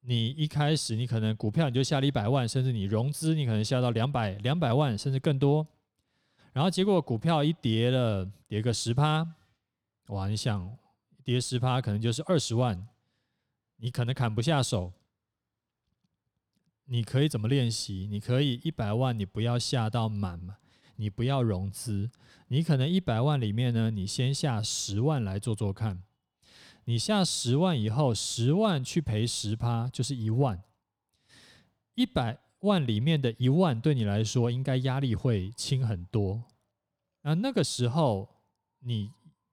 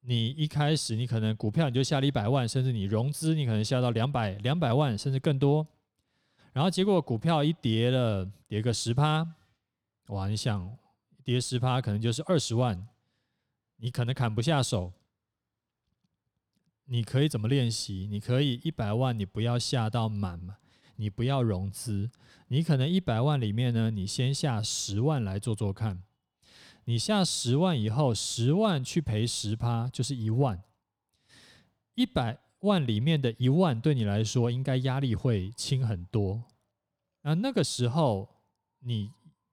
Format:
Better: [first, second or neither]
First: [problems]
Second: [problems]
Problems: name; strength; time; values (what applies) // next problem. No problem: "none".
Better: neither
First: none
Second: none